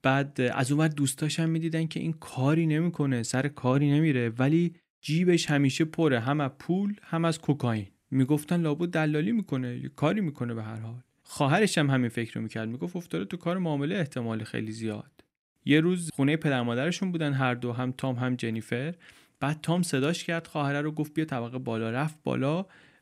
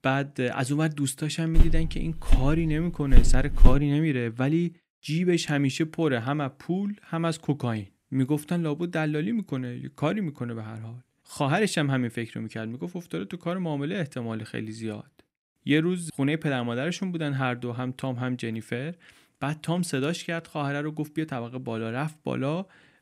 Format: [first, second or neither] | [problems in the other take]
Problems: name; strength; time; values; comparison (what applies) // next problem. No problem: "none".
first | footsteps; loud; from 1.5 to 4 s; peak 4 dB above the speech